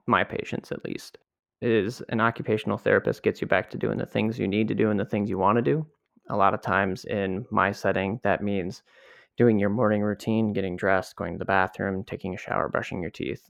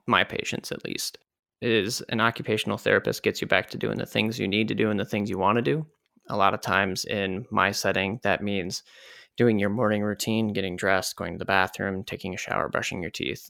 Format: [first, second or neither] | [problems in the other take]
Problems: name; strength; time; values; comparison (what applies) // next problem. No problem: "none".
second | muffled; slightly; fading above 2.5 kHz